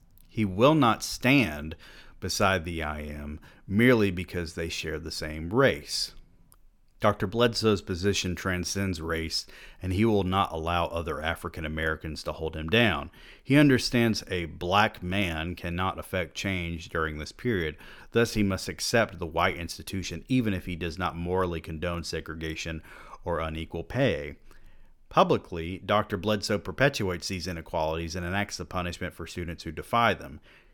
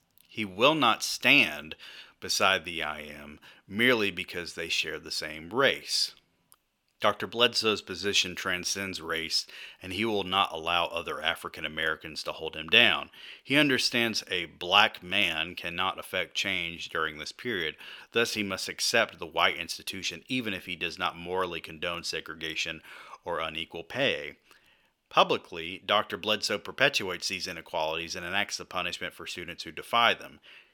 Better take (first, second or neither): first